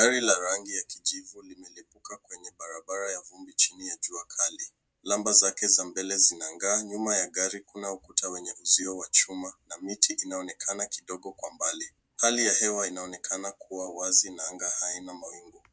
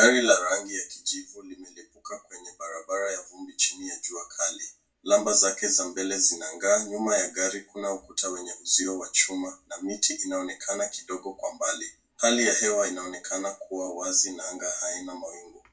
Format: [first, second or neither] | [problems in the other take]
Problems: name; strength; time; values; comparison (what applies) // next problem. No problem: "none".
first | room echo; dies away in 0.2 s